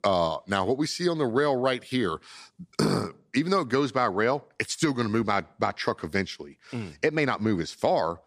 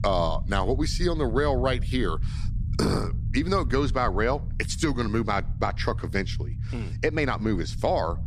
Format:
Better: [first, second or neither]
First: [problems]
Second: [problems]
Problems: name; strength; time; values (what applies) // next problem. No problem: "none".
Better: first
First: none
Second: low rumble; noticeable; throughout; 20 dB below the speech